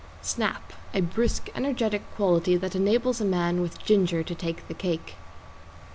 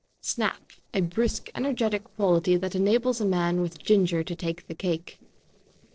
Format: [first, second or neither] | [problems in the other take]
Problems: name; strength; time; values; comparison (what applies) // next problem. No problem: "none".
first | noise reduction (neural separator model SepFormer DNS4)